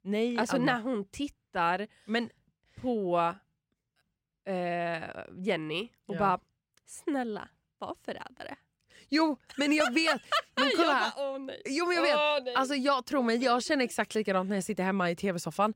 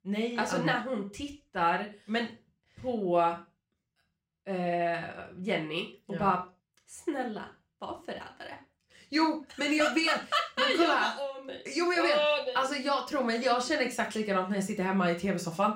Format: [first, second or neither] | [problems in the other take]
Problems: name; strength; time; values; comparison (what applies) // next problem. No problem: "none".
first | room echo; slight; dies away in 0.4 s // off-mic speech; somewhat distant